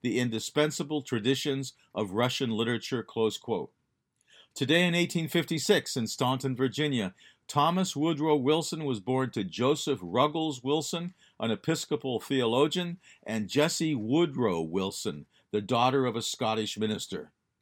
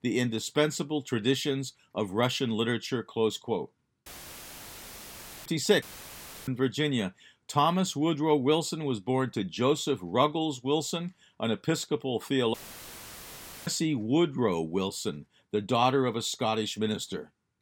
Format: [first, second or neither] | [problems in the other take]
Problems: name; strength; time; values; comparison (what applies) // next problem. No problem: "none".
first | audio cutting out; filled with static; at 4 s for 1.5 s, at 6 s for 0.5 s and at 13 s for 1 s